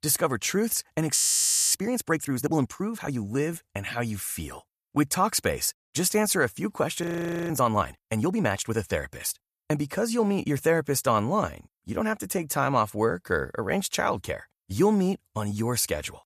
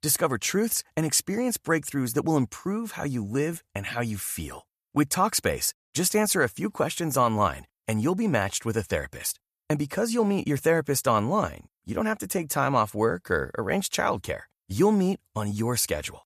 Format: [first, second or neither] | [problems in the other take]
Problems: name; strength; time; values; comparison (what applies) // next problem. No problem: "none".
second | audio freezing; at 1 s for 0.5 s and at 7 s